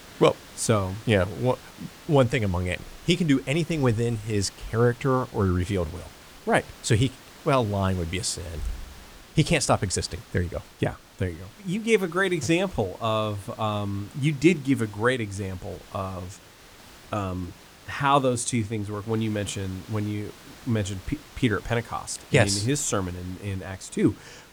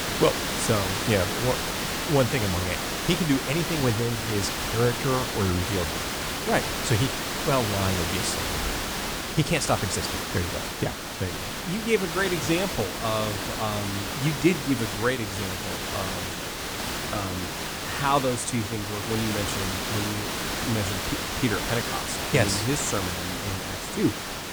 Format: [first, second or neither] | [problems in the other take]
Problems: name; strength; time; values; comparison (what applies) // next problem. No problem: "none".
first | hiss; loud; throughout; 1 dB below the speech; faint in the first